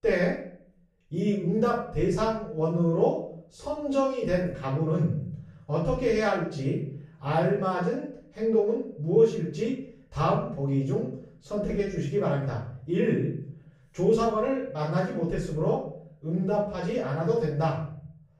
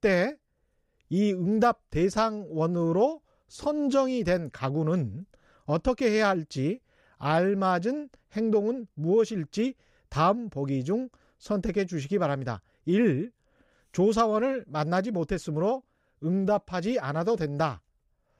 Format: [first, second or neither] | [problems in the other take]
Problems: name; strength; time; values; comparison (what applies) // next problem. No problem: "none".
second | room echo; noticeable; dies away in 0.6 s // off-mic speech; far